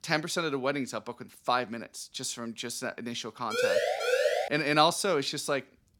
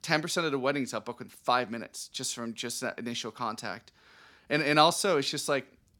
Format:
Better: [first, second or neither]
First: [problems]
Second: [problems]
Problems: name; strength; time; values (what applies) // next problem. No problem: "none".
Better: second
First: siren; loud; at 3.5 s; peak 4 dB above the speech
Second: none